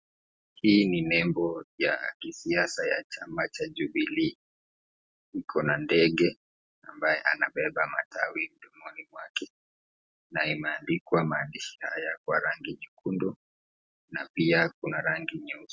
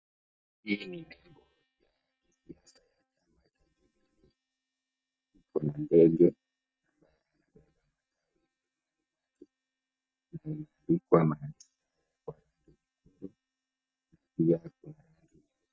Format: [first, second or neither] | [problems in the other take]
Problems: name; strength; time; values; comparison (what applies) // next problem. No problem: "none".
first | noise reduction (neural mask model DeepFilterNet 3)